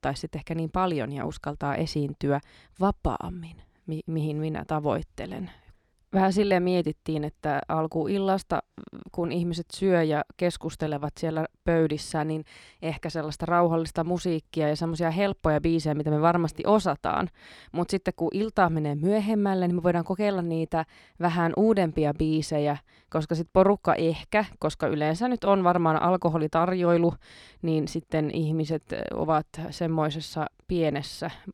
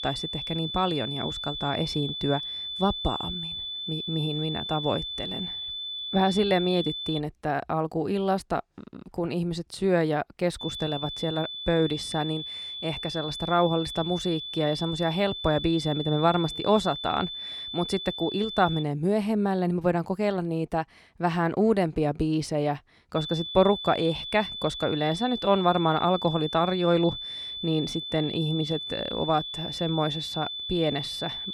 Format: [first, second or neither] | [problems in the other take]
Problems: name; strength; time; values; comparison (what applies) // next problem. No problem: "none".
first | high-pitched whine; loud; until 7 s, from 11 to 19 s and from 23 s on; 3.5 kHz, 6 dB below the speech